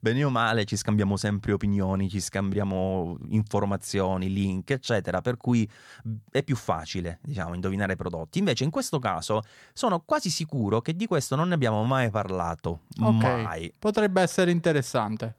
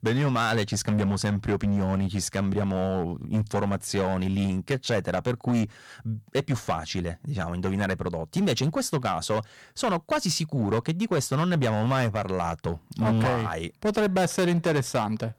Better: first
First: none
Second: distortion; slight; 10% of the sound clipped

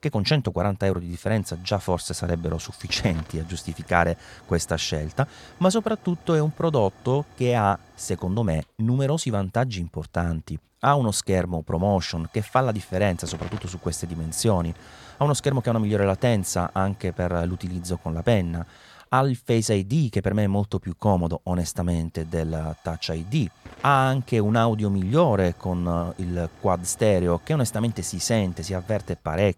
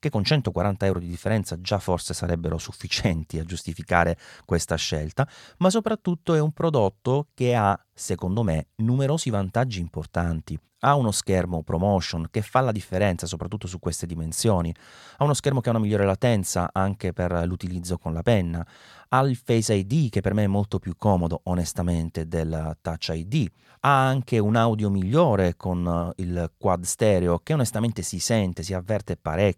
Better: second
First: hiss; faint; throughout; 25 dB below the speech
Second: none

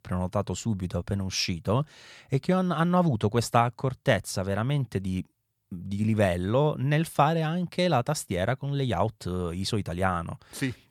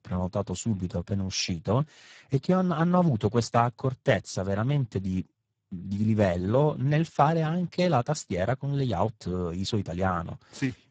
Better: first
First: none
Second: garbled, watery; badly; nothing above 7.5 kHz

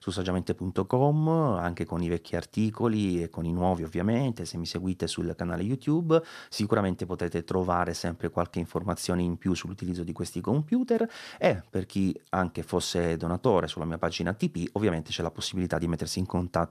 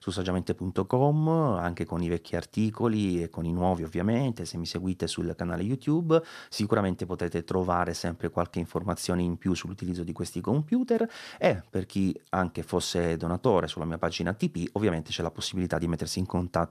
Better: neither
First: none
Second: none

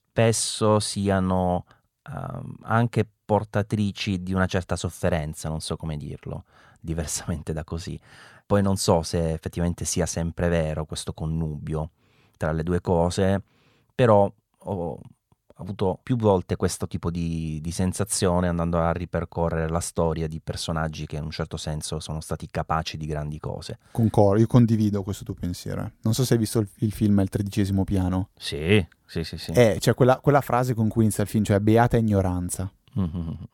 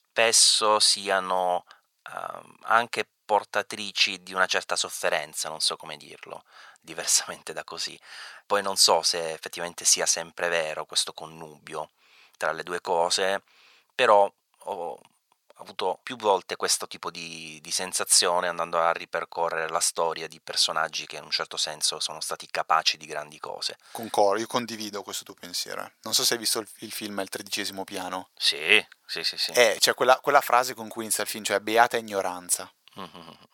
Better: first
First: none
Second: thin; very; fading below 800 Hz

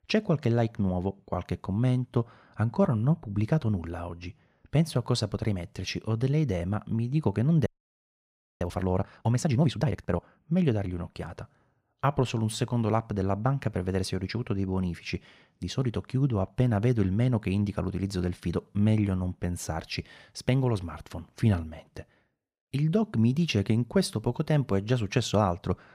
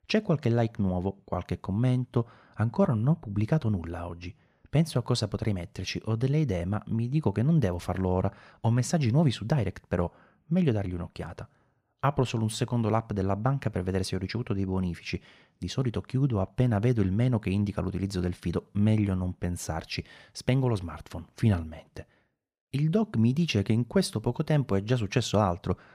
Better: second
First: audio freezing; at 7.5 s for 1 s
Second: none

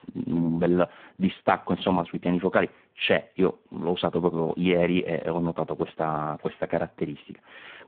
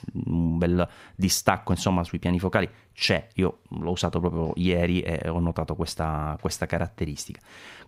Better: second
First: phone-call audio; poor line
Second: none

